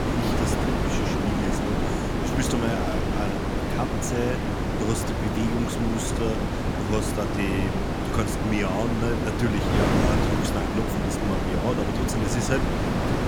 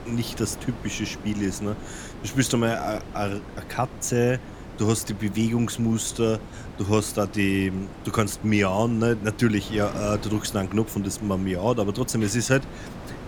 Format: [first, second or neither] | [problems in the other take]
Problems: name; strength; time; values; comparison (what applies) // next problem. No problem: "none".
second | wind noise on the microphone; heavy; 3 dB above the speech; occasional gusts in the second